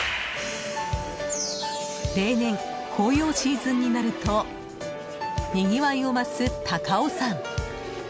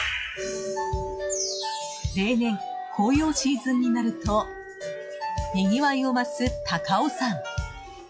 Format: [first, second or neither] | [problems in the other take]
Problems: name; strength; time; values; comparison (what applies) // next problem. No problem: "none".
first | noise reduction (classical method log-MMSE)